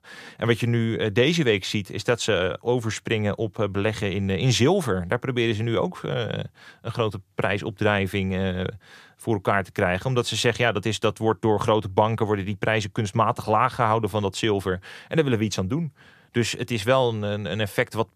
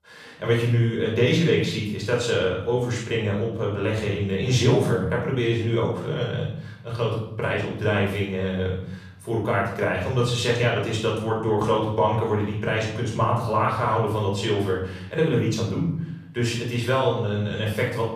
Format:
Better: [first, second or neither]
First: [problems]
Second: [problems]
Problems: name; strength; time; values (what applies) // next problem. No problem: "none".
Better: first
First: none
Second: off-mic speech; far // room echo; noticeable; dies away in 0.7 s